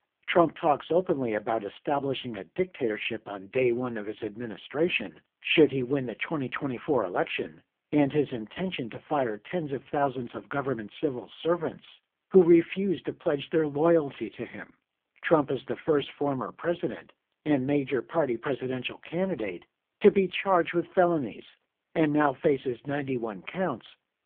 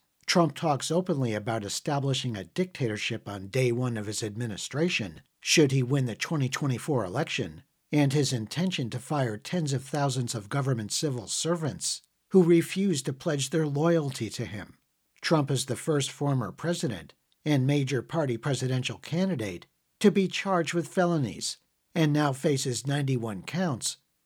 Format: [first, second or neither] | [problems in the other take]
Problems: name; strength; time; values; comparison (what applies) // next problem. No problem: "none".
second | phone-call audio; poor line